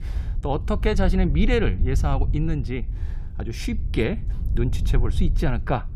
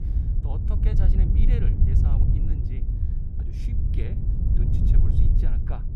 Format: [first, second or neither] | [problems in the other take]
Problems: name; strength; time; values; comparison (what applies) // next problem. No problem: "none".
first | wind noise on the microphone; heavy; 5 dB above the speech; occasional gusts in the first